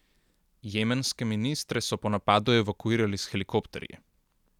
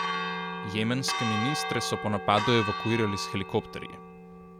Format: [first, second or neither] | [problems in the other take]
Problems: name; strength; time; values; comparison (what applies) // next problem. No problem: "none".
first | background sound (Church bell); 4 dB below the speech